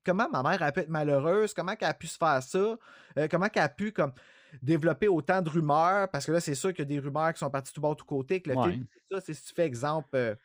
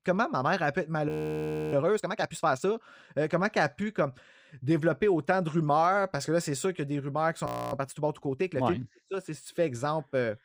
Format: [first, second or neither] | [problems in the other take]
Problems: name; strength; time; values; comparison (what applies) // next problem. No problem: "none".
first | audio freezing; at 1 s for 0.5 s and at 7.5 s